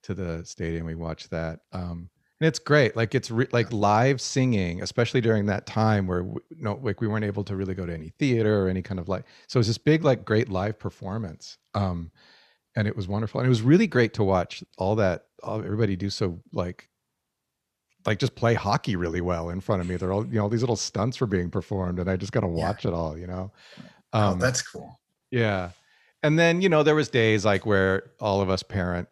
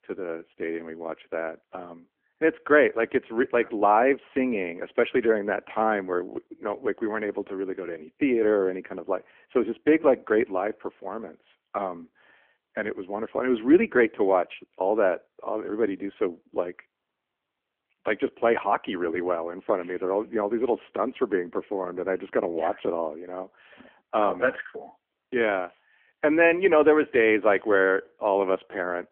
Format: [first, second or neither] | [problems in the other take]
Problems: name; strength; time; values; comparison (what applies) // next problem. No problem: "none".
first | phone-call audio